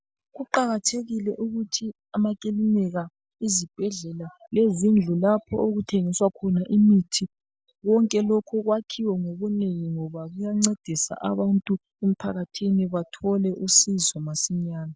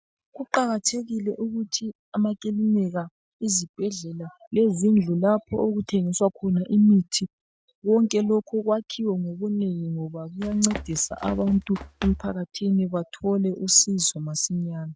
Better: first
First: none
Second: noise reduction (neural mask model RNNoise)

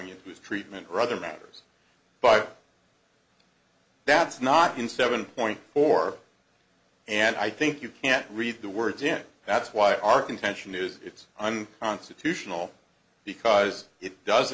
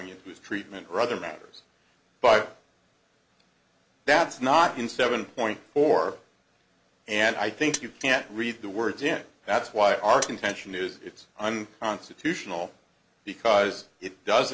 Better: first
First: none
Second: background sound (Mechanisms); 11 dB below the speech

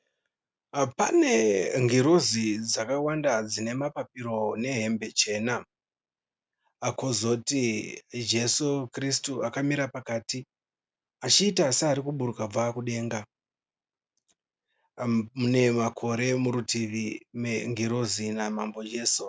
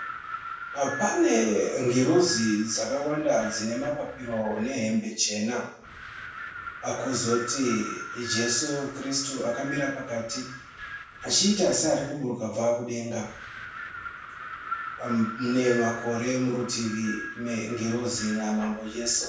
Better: first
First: none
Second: background sound (Wind); 11 dB below the speech // room echo; dies away in 0.6 s

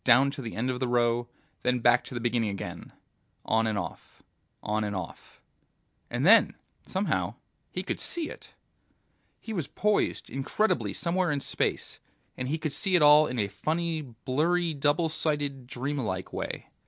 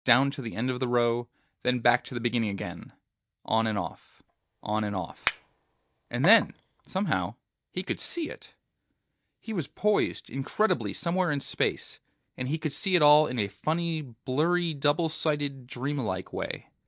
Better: first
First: none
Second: noise reduction (neural mask model DeepFilterNet 3)

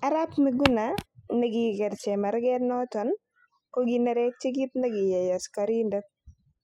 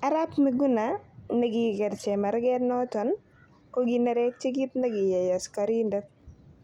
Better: second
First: noise reduction (classical method spectral subtraction)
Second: none

